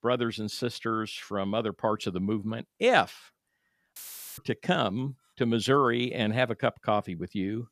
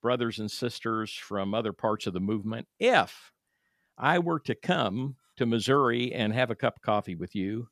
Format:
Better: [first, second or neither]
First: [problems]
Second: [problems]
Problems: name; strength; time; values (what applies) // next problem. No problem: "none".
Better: second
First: audio cutting out; filled with static; at 4 s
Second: none